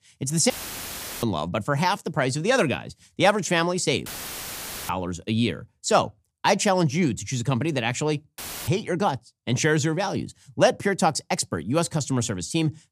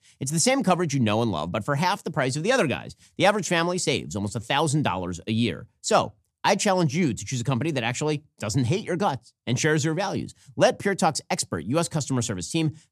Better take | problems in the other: second | audio cutting out; filled with static; at 0.5 s for 0.5 s, at 4 s for 1 s and at 8.5 s

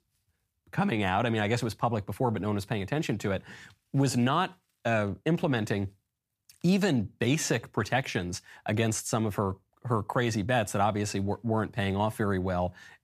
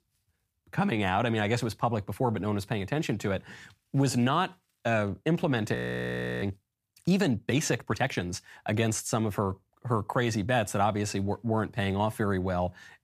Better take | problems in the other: first | audio freezing; at 6 s for 0.5 s

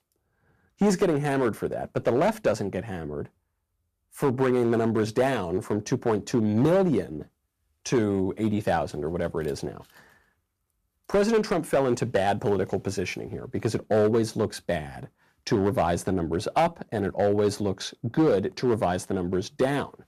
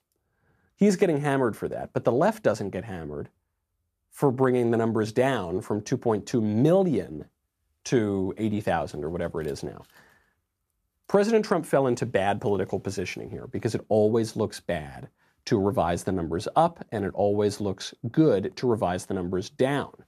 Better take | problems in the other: second | distortion; slight; 4% of the sound clipped

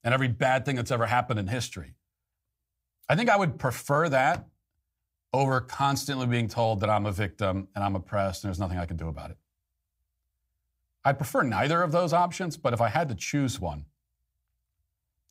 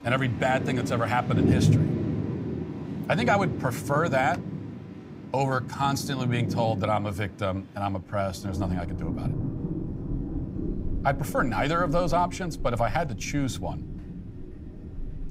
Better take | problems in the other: first | rain or running water; loud; throughout; 4 dB below the speech

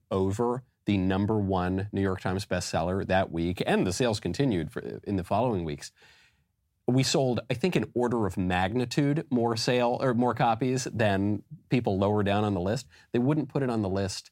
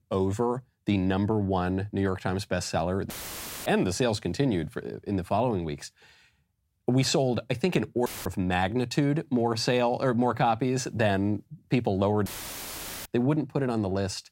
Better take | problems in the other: first | audio cutting out; filled with static; at 3 s for 0.5 s, at 8 s and at 12 s for 1 s

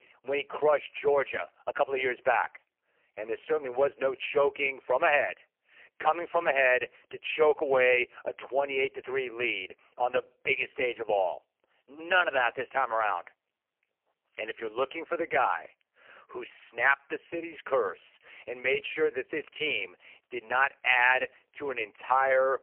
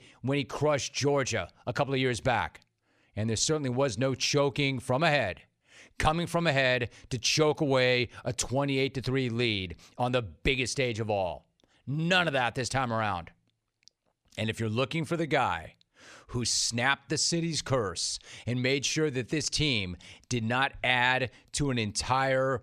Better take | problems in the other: second | phone-call audio; poor line; nothing above 3 kHz

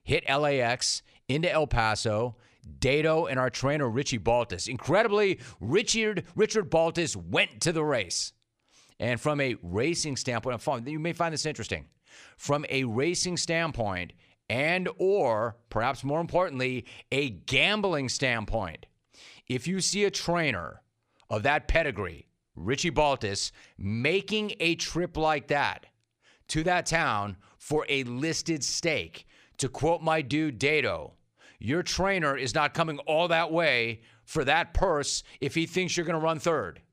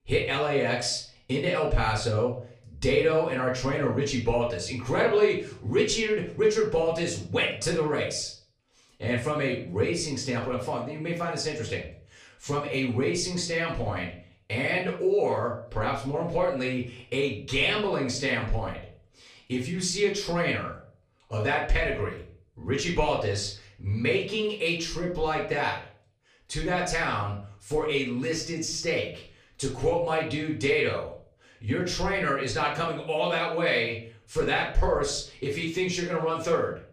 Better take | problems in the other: first | room echo; slight; dies away in 0.4 s // off-mic speech; far

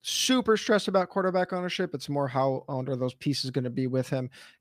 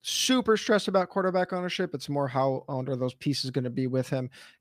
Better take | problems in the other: neither | none

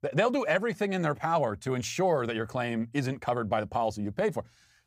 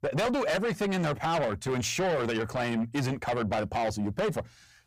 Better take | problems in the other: first | distortion; heavy; 7 dB below the speech

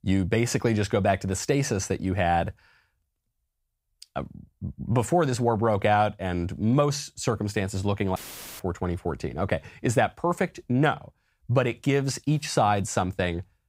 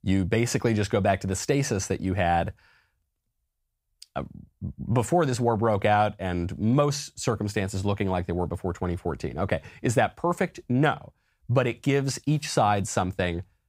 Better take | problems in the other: second | audio cutting out; filled with static; at 8 s

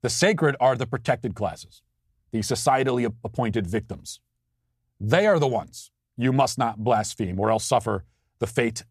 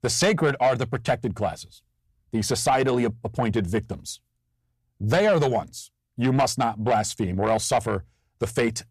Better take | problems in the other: first | distortion; slight; 10 dB below the speech

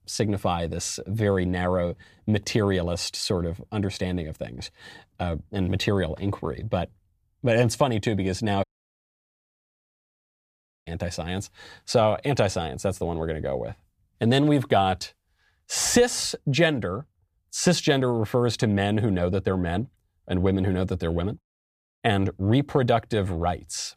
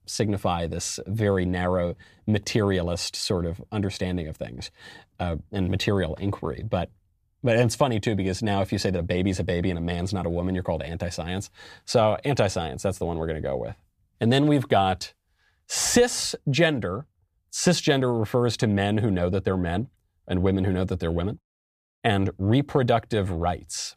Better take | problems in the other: second | audio cutting out; at 8.5 s for 2 s

